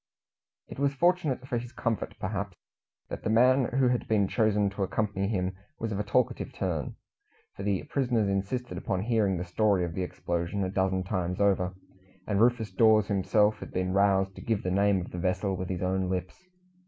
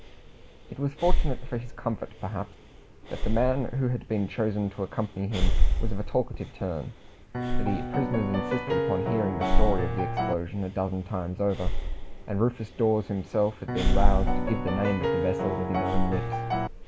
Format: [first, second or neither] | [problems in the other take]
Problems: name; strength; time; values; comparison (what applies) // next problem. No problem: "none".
first | background sound (Piano + Breathing); 4 dB above the speech